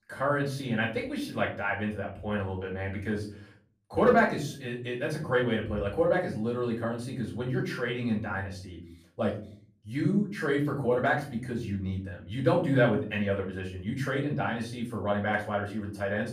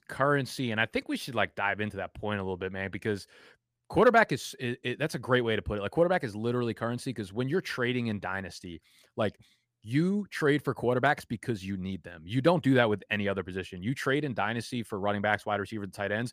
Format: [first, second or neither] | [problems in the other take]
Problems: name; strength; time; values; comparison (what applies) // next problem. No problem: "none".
second | off-mic speech; far // room echo; slight; dies away in 0.5 s